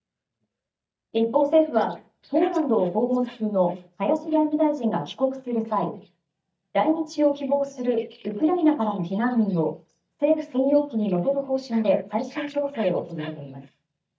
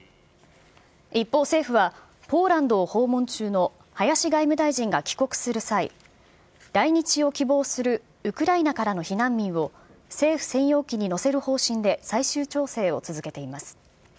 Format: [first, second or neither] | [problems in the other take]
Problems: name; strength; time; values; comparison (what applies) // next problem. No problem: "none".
second | noise reduction (neural mask model DeepFilterNet 3)